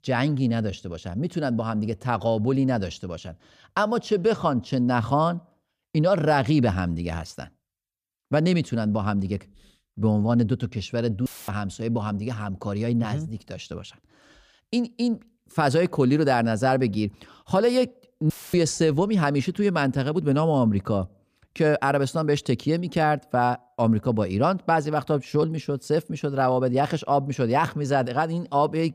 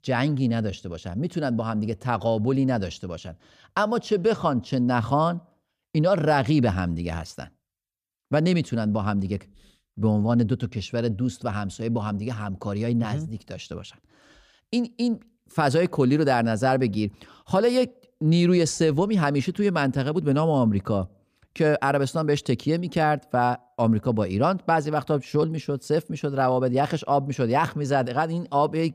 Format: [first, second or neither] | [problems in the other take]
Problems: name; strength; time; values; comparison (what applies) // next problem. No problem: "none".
second | audio cutting out; filled with static; at 11 s and at 18 s